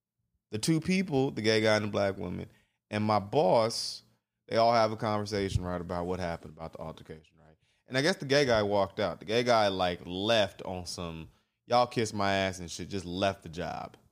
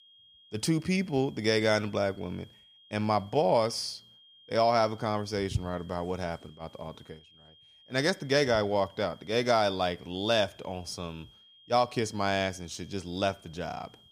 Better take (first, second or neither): first